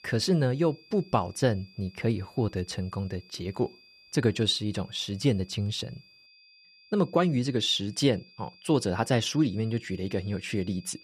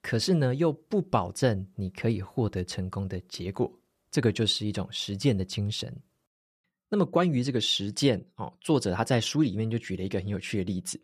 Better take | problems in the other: second | high-pitched whine; faint; throughout; 4.5 kHz, 25 dB below the speech

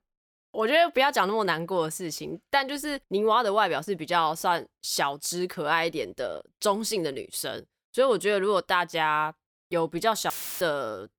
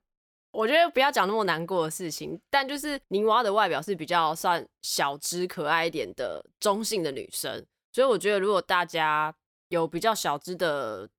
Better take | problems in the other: second | audio cutting out; filled with static; at 10 s

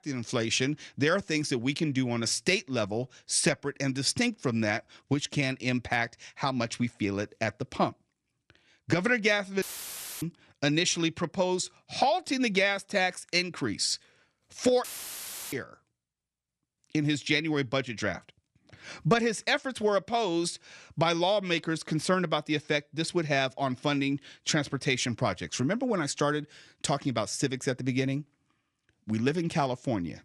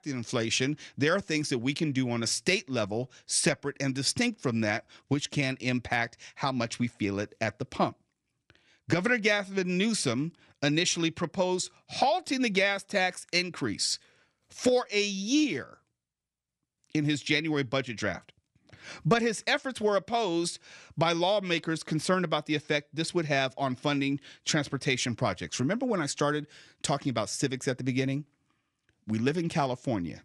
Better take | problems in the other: second | audio cutting out; filled with static; at 9.5 s for 0.5 s and at 15 s for 0.5 s

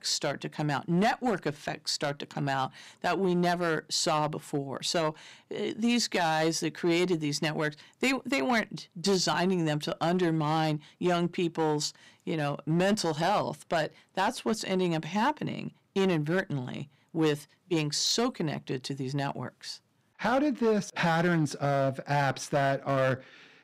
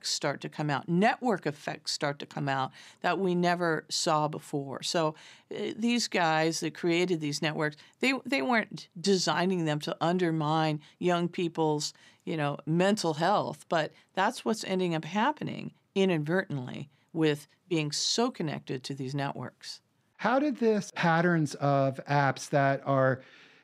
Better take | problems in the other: second | distortion; slight; 5% of the sound clipped

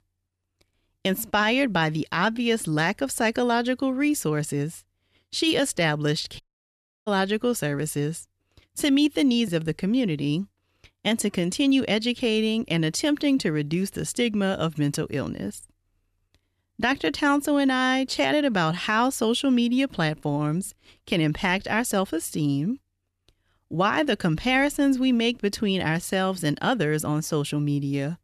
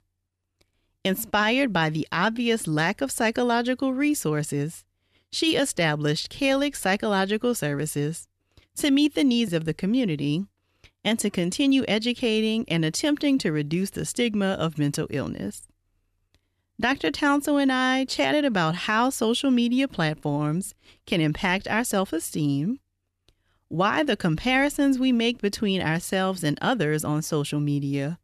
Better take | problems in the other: second | audio cutting out; at 6.5 s for 0.5 s

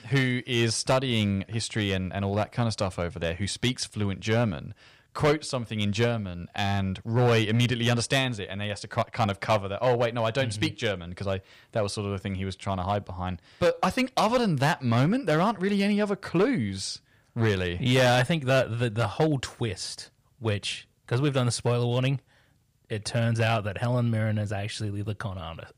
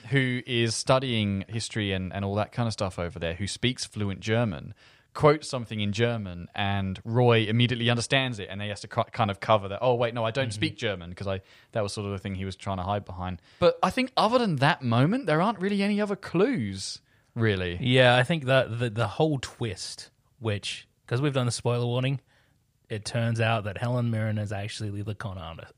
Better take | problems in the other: second | distortion; slight; 4% of the sound clipped

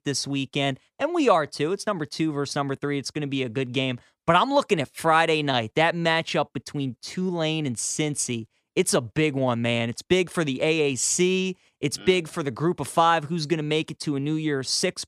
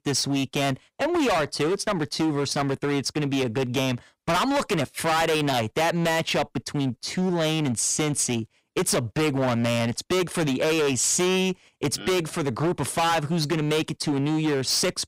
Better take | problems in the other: first | distortion; heavy; 23% of the sound clipped

